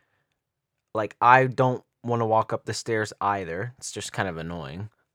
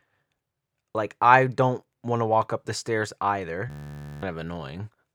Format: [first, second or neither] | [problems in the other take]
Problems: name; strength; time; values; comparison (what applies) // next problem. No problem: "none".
first | audio freezing; at 3.5 s for 0.5 s